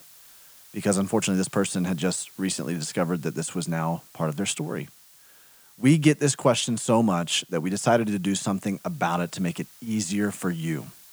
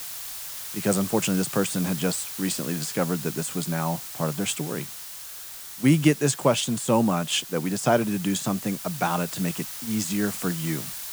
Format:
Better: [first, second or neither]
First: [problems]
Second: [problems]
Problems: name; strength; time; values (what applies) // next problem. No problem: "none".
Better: first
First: hiss; faint; throughout; 25 dB below the speech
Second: hiss; loud; throughout; 8 dB below the speech